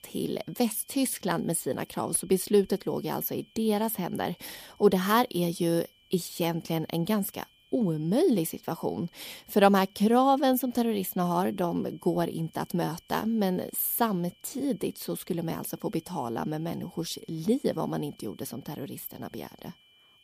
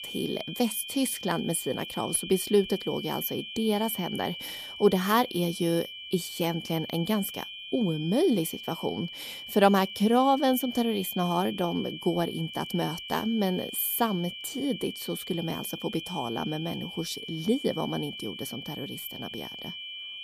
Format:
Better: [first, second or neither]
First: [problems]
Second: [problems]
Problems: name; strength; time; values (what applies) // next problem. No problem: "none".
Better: first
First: high-pitched whine; faint; throughout; 3 kHz, 30 dB below the speech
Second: high-pitched whine; loud; throughout; 3 kHz, 9 dB below the speech